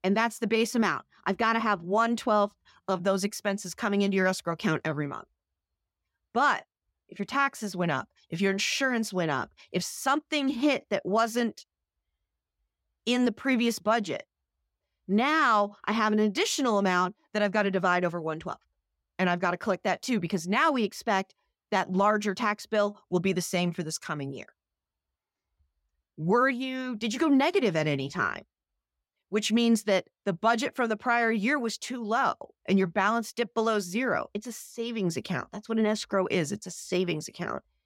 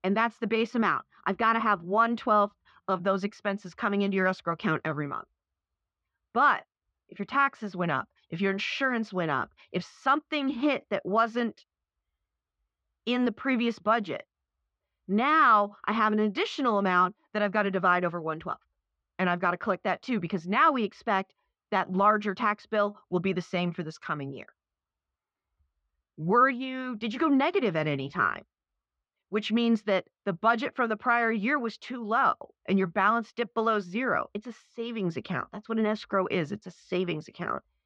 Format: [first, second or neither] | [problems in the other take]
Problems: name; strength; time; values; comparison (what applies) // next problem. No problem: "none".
first | muffled; slightly; fading above 3.5 kHz